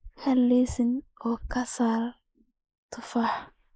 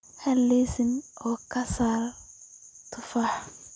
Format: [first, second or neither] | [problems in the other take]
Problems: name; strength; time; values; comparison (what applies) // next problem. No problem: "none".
second | noise reduction (neural mask model Resemble Enhance denoiser)